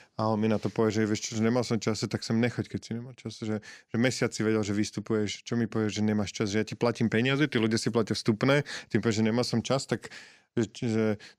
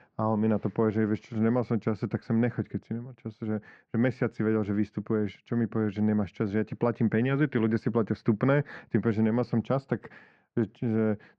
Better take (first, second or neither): first